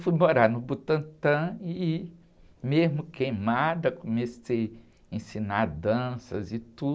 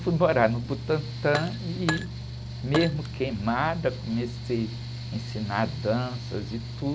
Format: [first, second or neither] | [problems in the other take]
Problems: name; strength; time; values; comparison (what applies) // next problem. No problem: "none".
first | background sound (Glass + Mechanical fan); 6 dB below the speech